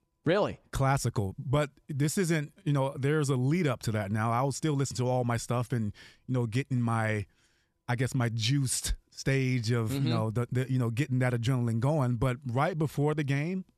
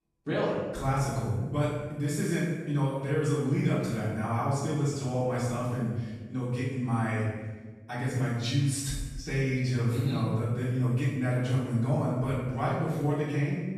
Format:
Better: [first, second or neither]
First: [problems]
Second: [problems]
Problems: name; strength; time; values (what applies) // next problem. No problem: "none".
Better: first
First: none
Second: room echo; strong; dies away in 1.1 s // off-mic speech; far